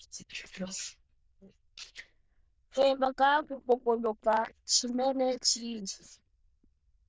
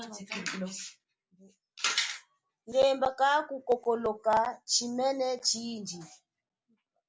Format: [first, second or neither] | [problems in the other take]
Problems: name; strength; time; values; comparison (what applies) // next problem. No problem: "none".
second | noise reduction (neural diffusion model UNIVERSE++)